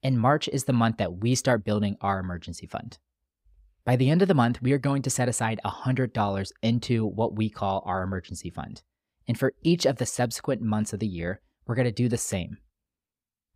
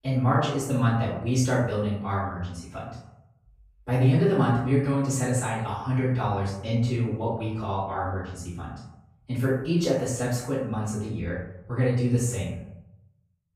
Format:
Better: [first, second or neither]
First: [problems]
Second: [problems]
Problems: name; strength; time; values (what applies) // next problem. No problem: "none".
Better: first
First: none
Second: off-mic speech; far // room echo; noticeable; dies away in 0.6 s